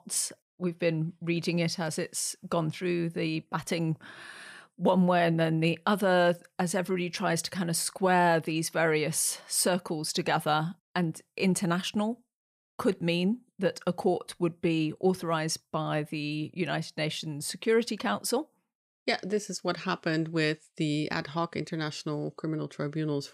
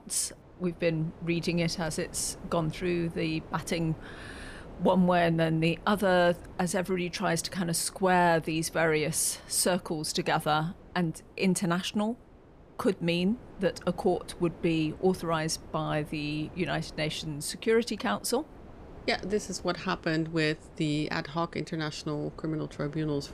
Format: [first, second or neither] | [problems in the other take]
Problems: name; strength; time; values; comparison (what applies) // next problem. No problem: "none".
first | wind noise on the microphone; occasional gusts; 20 dB below the speech